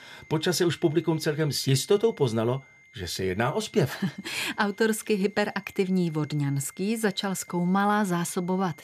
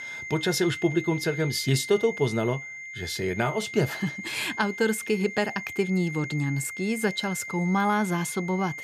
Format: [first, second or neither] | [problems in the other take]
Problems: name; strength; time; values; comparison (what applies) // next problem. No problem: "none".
first | high-pitched whine; loud; throughout; 2 kHz, 9 dB below the speech; faint in the first